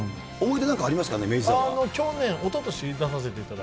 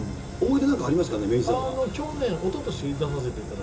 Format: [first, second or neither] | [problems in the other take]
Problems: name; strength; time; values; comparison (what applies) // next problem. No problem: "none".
first | background sound (Fire); 11 dB below the speech // room echo; dies away in 0.2 s